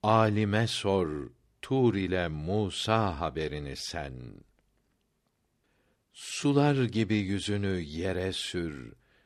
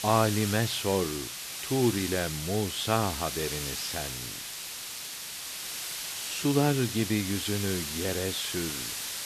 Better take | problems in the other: first | hiss; loud; throughout; 4 dB below the speech

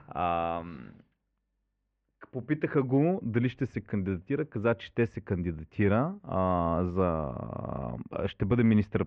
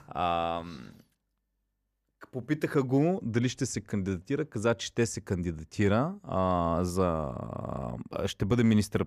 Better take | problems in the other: second | muffled; very; fading above 2.5 kHz

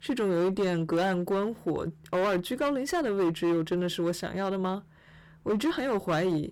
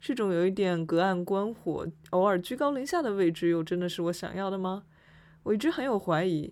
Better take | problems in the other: second | distortion; slight; 13% of the sound clipped

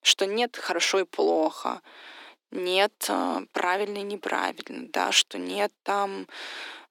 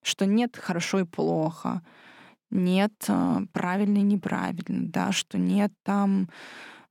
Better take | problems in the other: second | thin; very; fading below 300 Hz

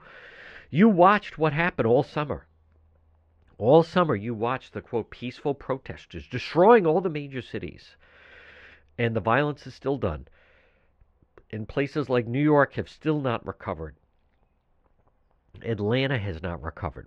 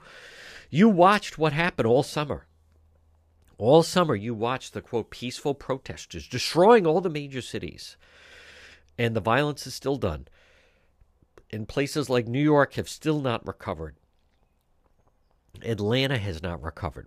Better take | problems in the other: second | muffled; slightly; fading above 2 kHz

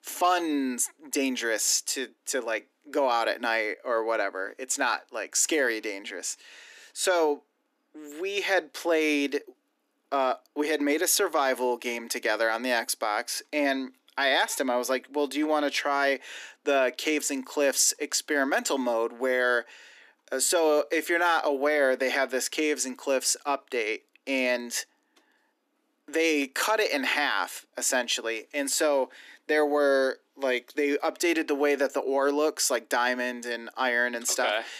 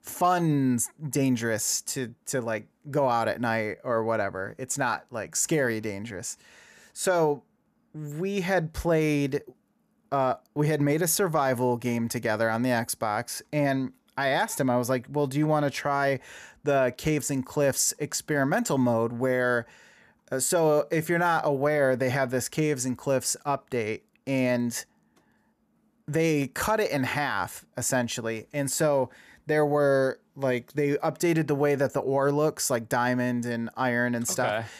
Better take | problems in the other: second | thin; very slightly; fading below 250 Hz

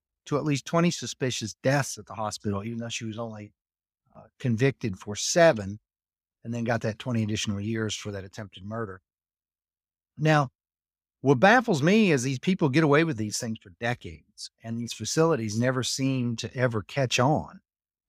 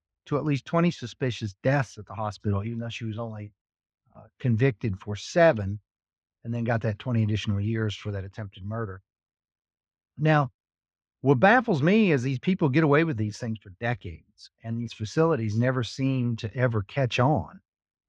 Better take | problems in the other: first | muffled; slightly; fading above 3 kHz

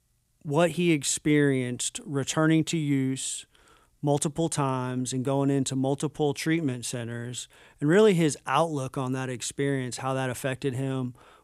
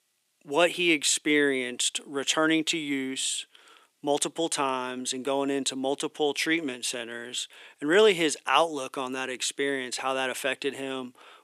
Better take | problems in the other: first | thin; somewhat; fading below 300 Hz

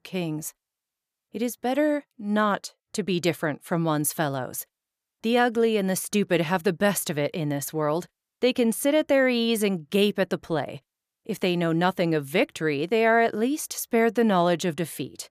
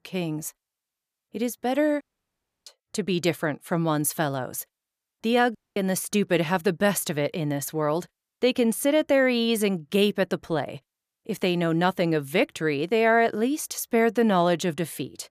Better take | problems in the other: first | audio cutting out; at 2 s for 0.5 s and at 5.5 s

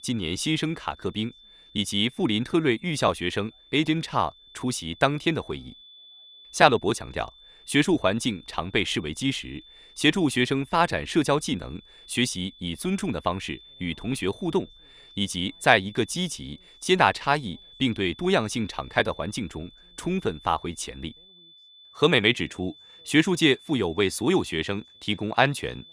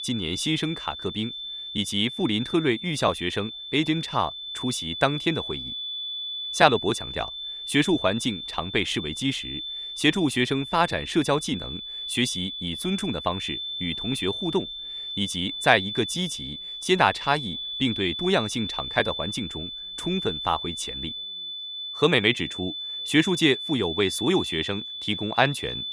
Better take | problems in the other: first | high-pitched whine; loud; throughout; 3.5 kHz, 6 dB below the speech; faint in the first

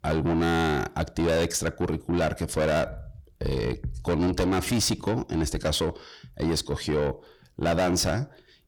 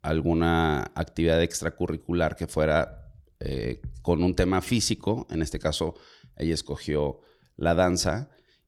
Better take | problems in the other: second | distortion; heavy; 7 dB below the speech

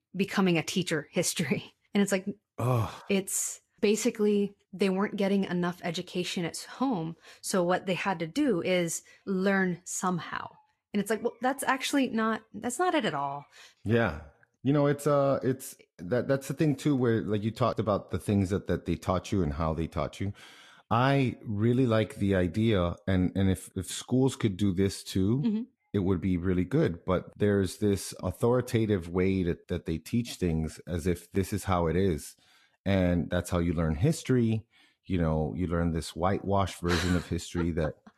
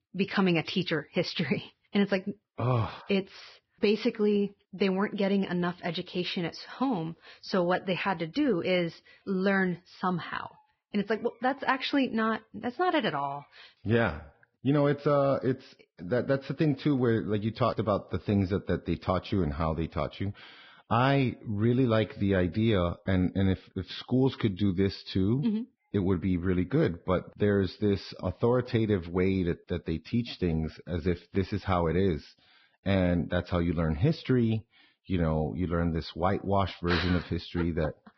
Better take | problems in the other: first | garbled, watery; badly; nothing above 5.5 kHz; slightly in the first

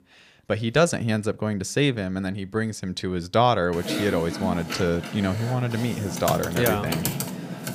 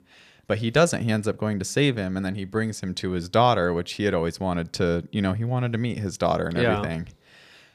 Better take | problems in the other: second | keyboard typing; noticeable; from 3.5 s on; peak 2 dB below the speech

